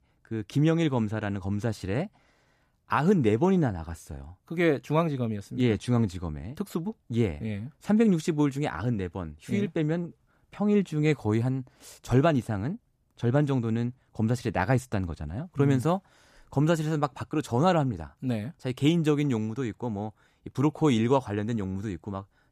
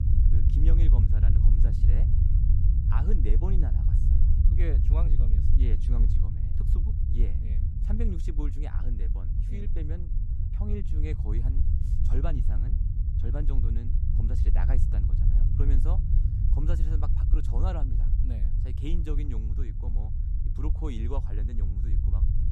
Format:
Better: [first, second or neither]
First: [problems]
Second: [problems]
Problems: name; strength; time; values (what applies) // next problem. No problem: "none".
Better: first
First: none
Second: low rumble; loud; throughout; 1 dB below the speech